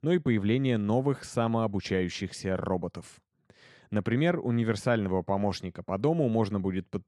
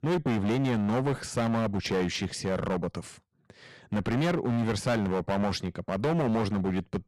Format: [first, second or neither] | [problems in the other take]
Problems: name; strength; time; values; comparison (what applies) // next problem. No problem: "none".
first | distortion; heavy; 18% of the sound clipped